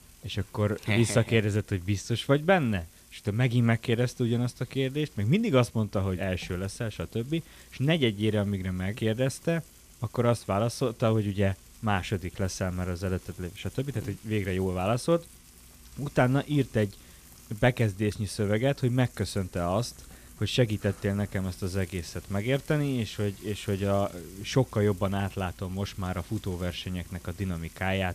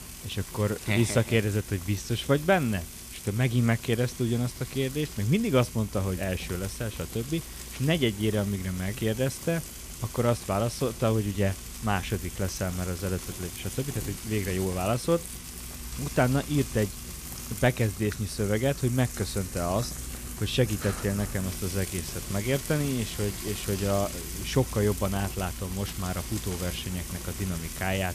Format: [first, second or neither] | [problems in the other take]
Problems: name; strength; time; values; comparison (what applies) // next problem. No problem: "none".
first | household noises; loud; throughout; 9 dB below the speech; faint in the first